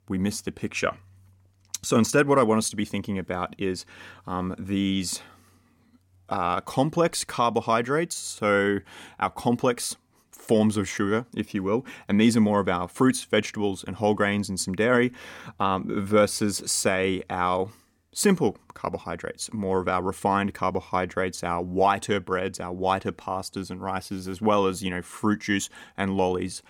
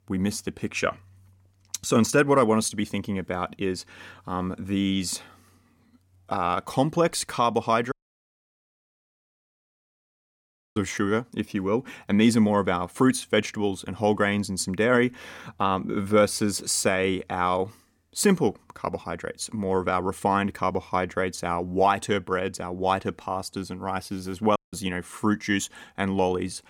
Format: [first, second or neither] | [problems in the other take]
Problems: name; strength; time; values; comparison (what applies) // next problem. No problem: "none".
first | audio cutting out; at 8 s for 3 s and at 25 s